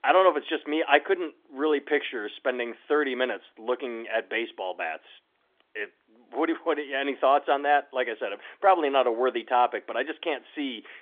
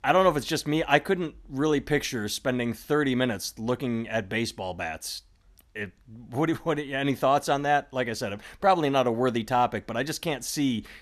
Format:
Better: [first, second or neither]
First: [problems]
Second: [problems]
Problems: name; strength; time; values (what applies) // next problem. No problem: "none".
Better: second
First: phone-call audio; nothing above 3.5 kHz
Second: none